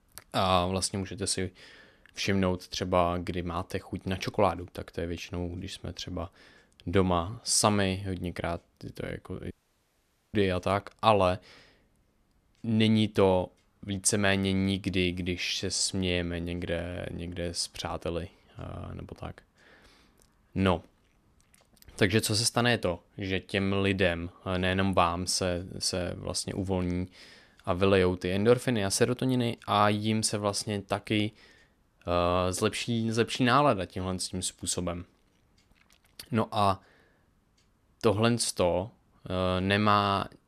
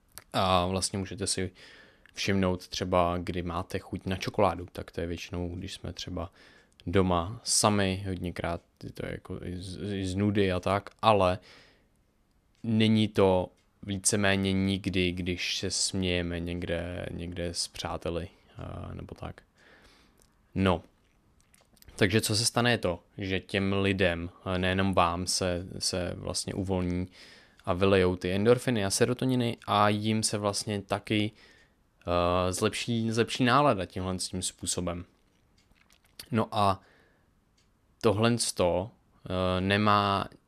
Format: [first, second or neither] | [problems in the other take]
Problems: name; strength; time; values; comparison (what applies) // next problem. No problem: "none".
second | audio cutting out; at 9.5 s for 1 s